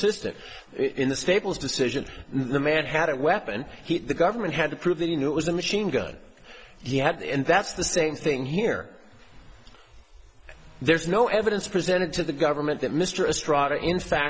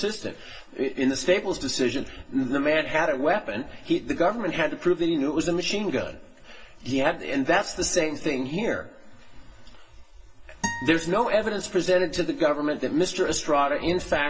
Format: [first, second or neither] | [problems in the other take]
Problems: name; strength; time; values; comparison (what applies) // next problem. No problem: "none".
first | background sound (Acoustic guitar); 11 dB below the speech // room echo; dies away in 0.2 s